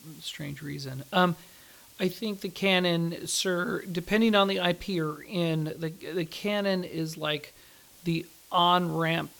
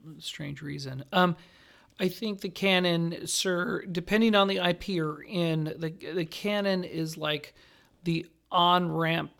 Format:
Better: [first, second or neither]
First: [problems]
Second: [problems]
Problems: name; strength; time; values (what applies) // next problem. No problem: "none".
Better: second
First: hiss; faint; throughout; 25 dB below the speech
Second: none